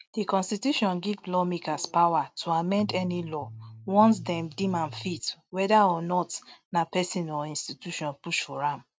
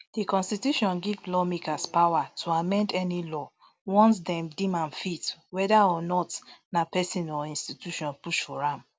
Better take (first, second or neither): second